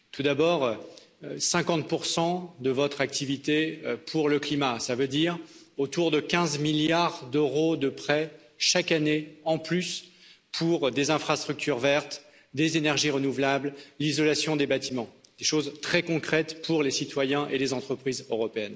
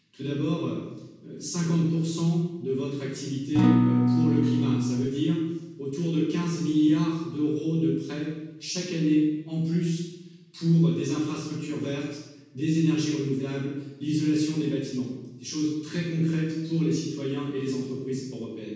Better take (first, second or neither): first